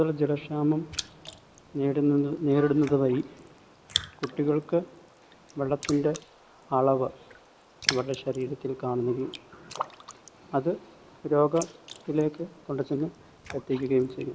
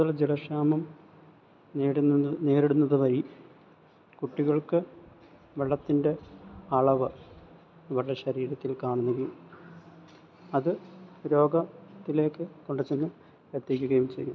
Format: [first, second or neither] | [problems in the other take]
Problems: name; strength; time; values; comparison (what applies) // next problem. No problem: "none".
second | noise reduction (neural mask model Resemble Enhance denoiser)